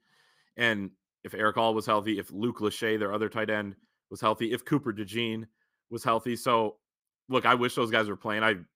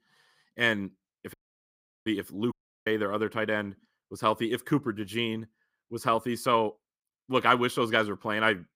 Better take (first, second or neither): first